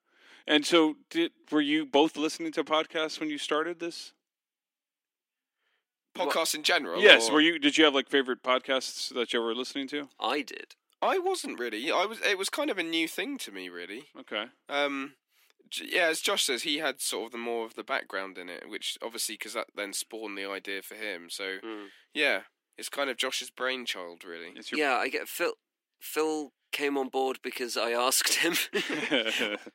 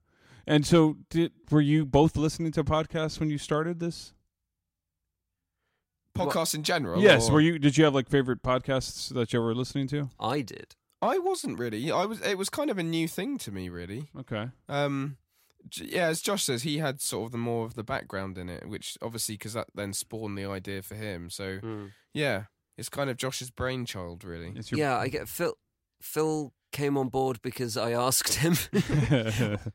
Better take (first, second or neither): second